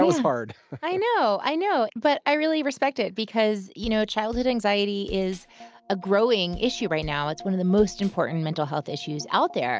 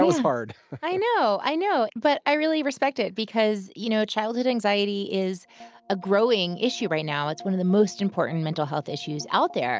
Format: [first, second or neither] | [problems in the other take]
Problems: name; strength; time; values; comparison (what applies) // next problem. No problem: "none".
second | background sound (Bass drum); 19 dB below the speech